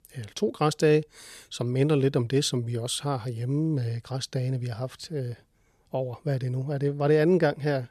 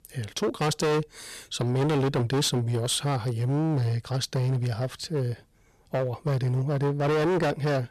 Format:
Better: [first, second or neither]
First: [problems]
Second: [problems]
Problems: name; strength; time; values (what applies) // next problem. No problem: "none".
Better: first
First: none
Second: distortion; heavy; 20% of the sound clipped